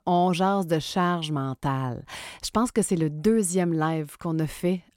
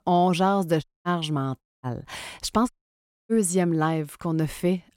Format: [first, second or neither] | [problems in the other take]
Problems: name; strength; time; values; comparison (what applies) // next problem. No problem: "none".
first | audio cutting out; at 1 s, at 1.5 s and at 2.5 s for 0.5 s